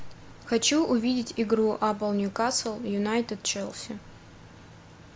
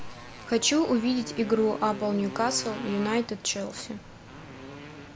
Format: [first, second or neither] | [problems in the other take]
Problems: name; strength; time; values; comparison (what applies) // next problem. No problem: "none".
first | background sound (Motorcycle); 13 dB below the speech